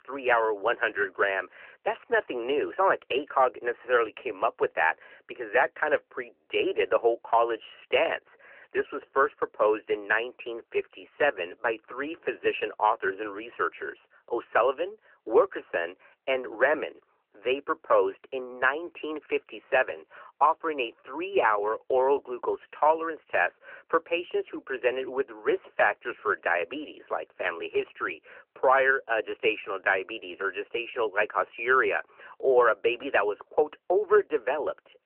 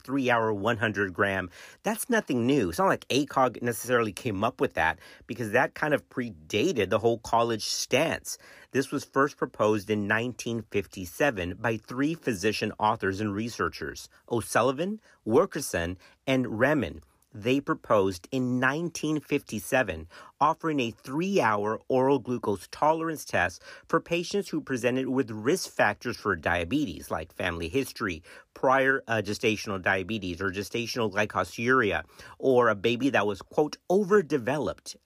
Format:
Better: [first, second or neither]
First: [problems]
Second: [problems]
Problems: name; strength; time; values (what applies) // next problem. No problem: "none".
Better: second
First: phone-call audio; nothing above 3 kHz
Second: none